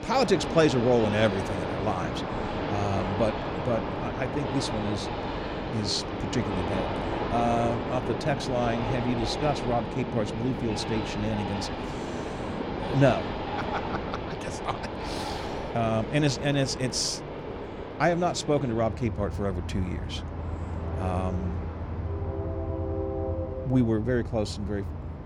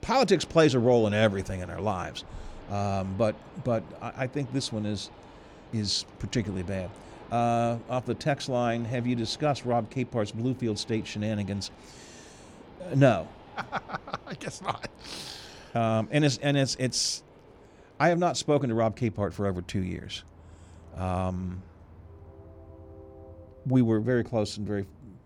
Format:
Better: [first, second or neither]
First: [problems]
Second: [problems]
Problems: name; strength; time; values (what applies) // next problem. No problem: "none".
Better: second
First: train or aircraft noise; loud; throughout; 4 dB below the speech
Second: train or aircraft noise; faint; throughout; 20 dB below the speech